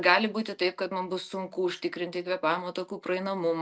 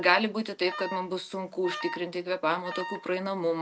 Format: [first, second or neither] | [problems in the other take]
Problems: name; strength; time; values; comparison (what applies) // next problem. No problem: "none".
first | background sound (Alarm); 13 dB below the speech